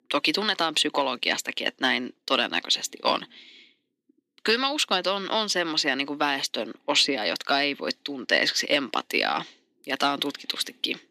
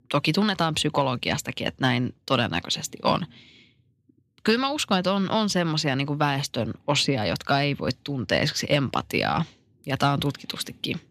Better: second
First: thin; somewhat; fading below 300 Hz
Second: none

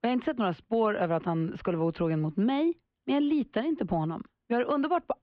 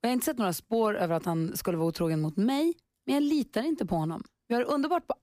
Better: second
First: muffled; very; fading above 3.5 kHz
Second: none

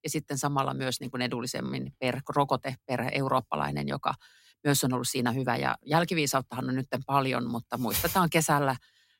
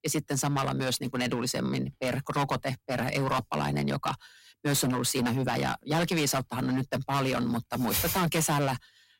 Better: first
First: none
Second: distortion; heavy; 15% of the sound clipped

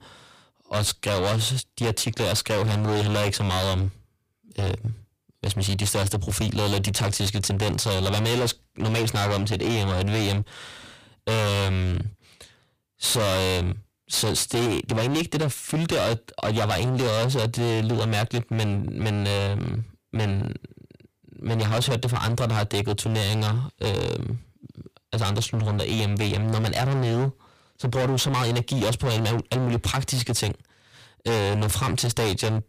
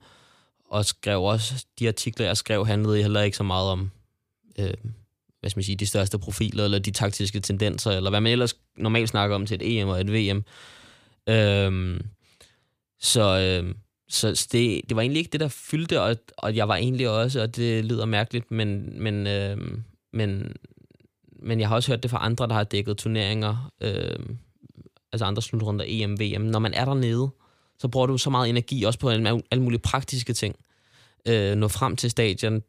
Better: second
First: distortion; heavy; 29% of the sound clipped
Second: none

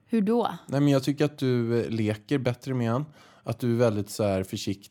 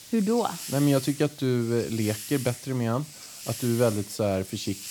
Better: first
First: none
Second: hiss; noticeable; throughout; 10 dB below the speech

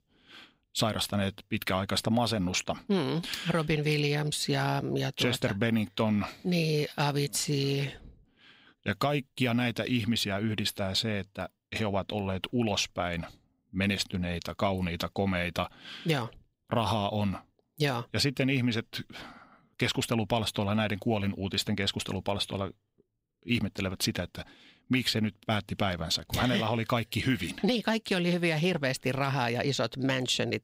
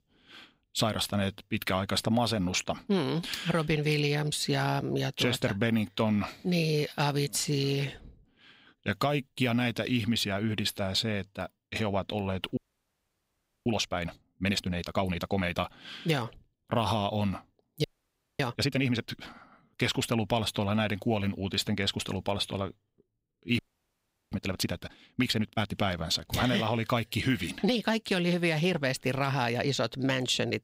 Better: first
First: none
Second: audio freezing; at 13 s for 1 s, at 18 s for 0.5 s and at 24 s for 0.5 s

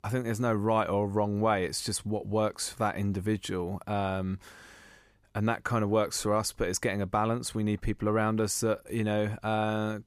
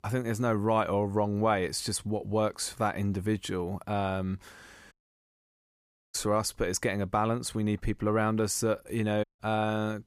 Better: first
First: none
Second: audio cutting out; at 5 s for 1 s and at 9 s

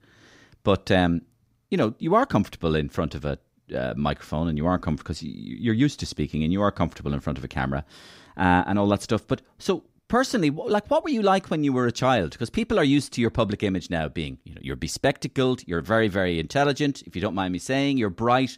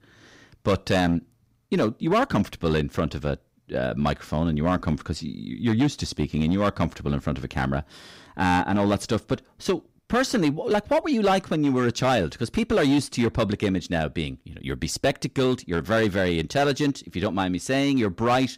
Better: first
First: none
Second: distortion; slight; 6% of the sound clipped

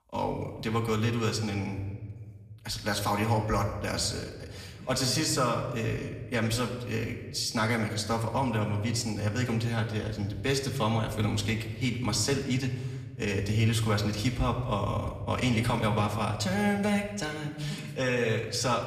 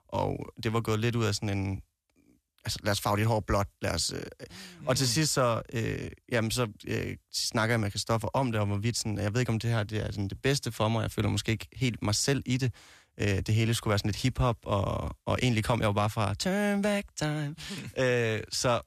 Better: second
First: room echo; slight; dies away in 1.1 s // off-mic speech; far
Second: none

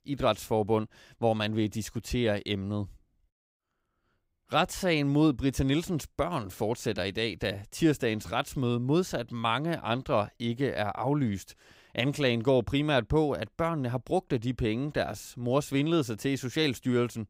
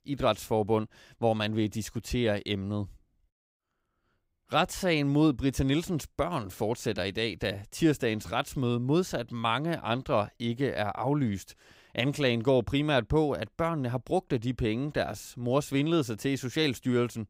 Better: neither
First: none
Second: none

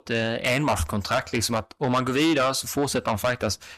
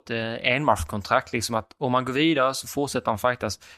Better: second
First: distortion; heavy; 6 dB below the speech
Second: none

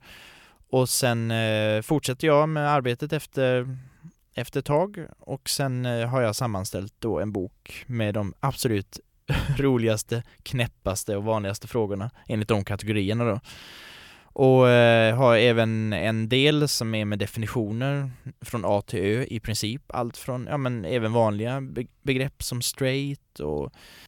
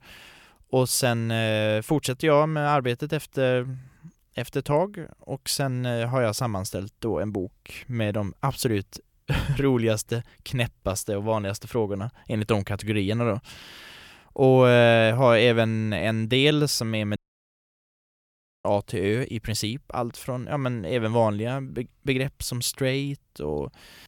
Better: first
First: none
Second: audio cutting out; at 17 s for 1.5 s

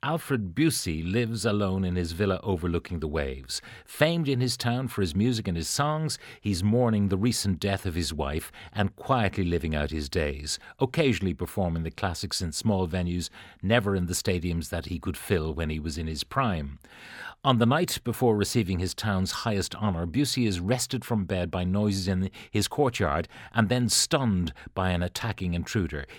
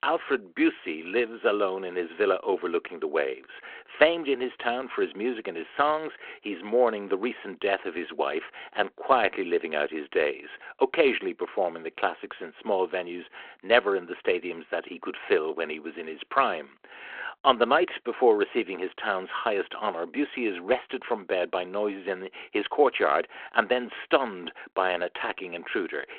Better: first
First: none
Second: phone-call audio

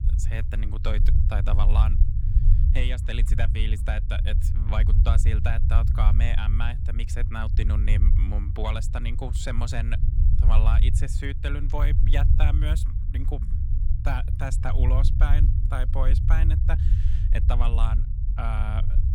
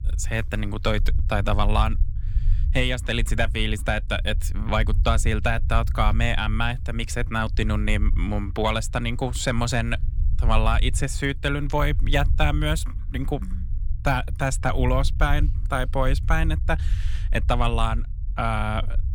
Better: second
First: low rumble; loud; throughout; 7 dB below the speech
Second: low rumble; faint; throughout; 20 dB below the speech

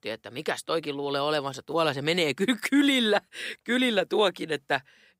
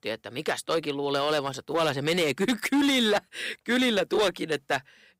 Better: first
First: none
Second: distortion; slight; 9% of the sound clipped

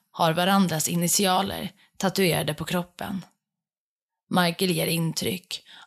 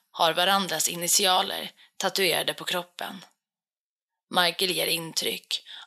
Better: first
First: none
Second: thin; somewhat; fading below 350 Hz

